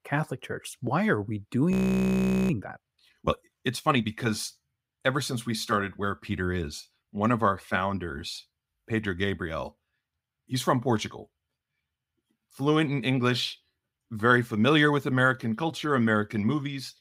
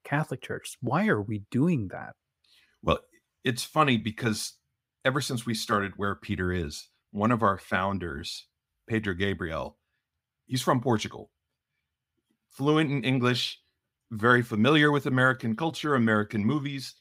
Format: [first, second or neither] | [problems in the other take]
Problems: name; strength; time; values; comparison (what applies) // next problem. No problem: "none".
second | audio freezing; at 1.5 s for 1 s